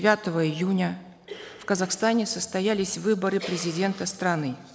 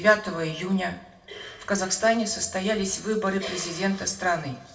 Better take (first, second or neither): first